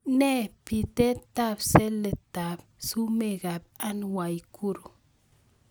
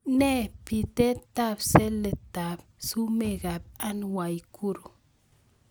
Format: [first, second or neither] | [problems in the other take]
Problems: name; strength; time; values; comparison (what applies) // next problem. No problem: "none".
first | background sound (Bass drum / Thump, thud); 18 dB below the speech